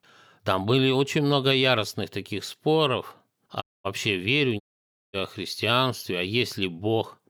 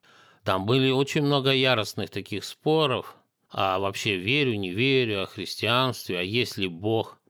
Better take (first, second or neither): second